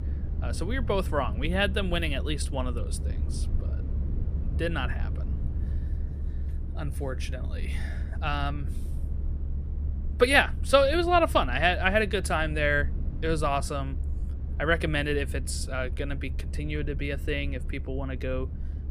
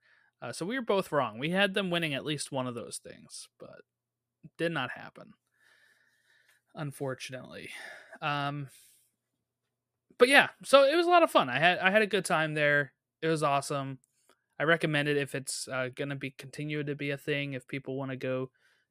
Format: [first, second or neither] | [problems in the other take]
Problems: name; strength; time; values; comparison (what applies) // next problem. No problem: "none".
second | low rumble; faint; throughout; 20 dB below the speech